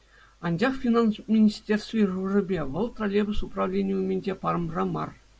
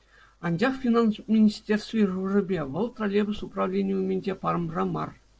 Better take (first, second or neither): first